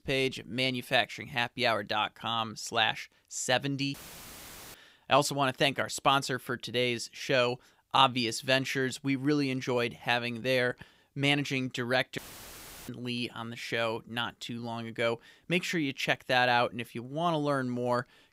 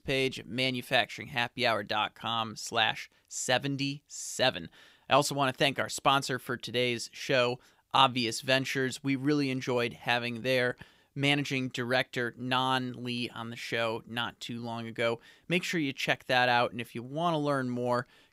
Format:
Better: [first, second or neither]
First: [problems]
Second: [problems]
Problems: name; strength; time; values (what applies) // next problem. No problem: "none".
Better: second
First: audio cutting out; filled with static; at 4 s for 1 s and at 12 s for 0.5 s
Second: none